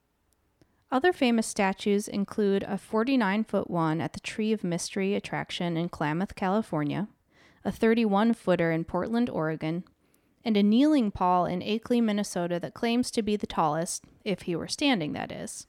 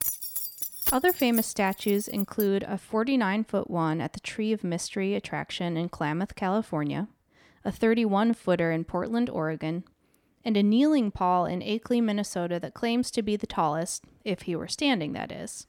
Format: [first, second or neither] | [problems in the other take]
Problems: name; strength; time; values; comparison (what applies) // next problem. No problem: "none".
first | jangling keys; loud; until 2.5 s; peak 1 dB above the speech